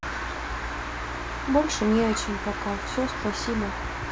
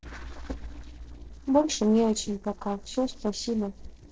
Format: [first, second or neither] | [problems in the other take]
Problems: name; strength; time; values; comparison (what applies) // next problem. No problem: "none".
first | noise reduction (neural separator model SepFormer DNS4)